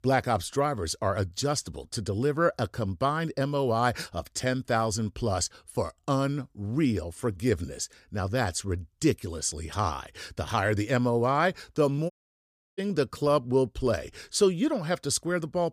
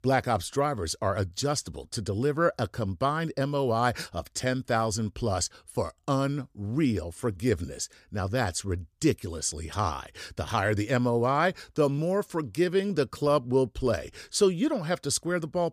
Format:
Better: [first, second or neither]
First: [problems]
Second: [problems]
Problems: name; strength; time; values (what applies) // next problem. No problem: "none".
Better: second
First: audio cutting out; at 12 s for 0.5 s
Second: none